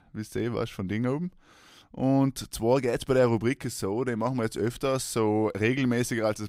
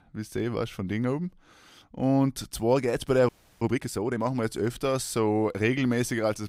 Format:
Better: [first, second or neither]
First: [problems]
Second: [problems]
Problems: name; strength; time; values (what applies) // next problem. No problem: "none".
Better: first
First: none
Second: audio freezing; at 3.5 s